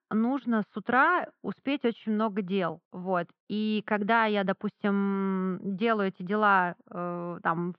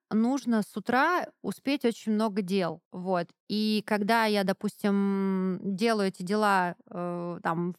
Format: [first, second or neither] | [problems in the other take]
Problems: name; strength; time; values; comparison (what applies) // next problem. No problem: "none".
second | muffled; very; fading above 3.5 kHz